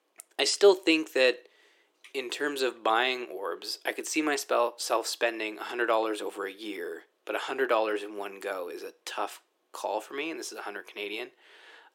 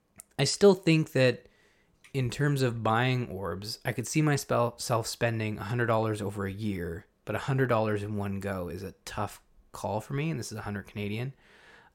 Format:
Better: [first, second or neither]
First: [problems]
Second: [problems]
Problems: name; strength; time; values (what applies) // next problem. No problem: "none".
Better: second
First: thin; very; fading below 300 Hz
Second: none